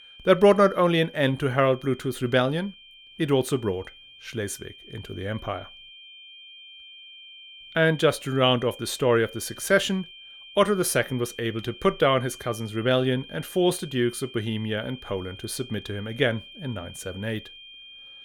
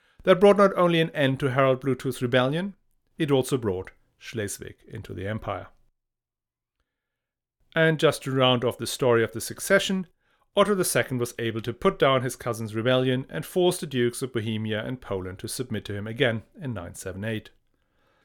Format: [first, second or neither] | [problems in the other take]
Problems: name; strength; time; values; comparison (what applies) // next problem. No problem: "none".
second | high-pitched whine; noticeable; throughout; 3 kHz, 20 dB below the speech